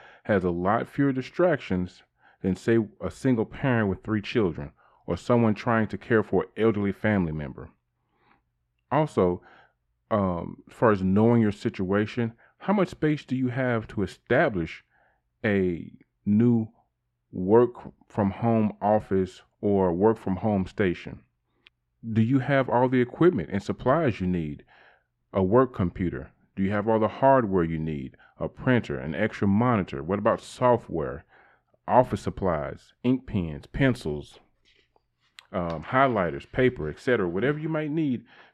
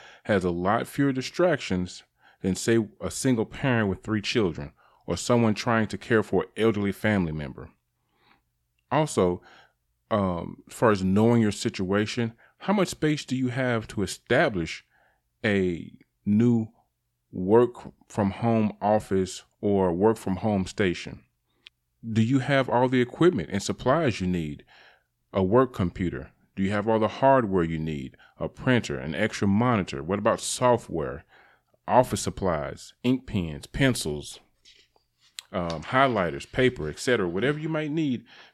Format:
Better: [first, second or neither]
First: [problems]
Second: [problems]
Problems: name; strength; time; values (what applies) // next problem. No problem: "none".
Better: second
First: muffled; slightly; fading above 3.5 kHz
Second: none